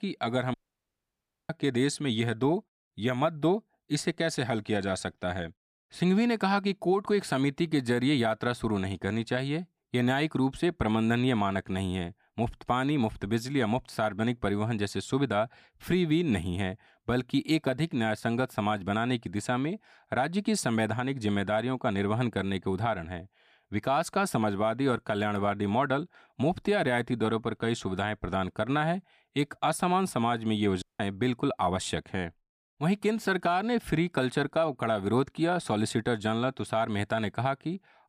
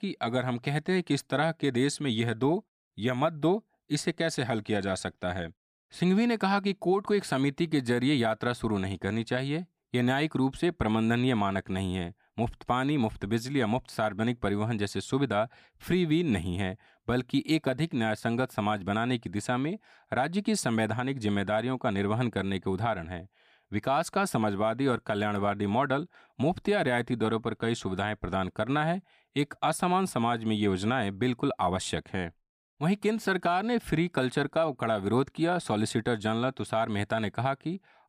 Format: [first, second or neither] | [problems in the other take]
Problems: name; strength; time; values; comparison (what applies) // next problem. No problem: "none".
second | audio cutting out; at 0.5 s for 1 s and at 31 s